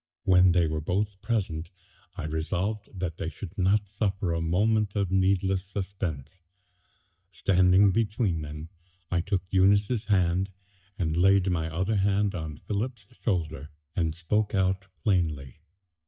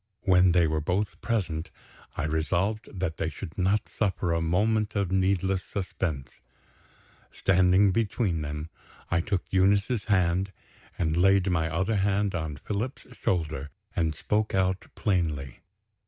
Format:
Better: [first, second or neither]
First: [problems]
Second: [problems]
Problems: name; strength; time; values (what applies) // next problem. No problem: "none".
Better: second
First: noise reduction (neural mask model DeepFilterNet 3)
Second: none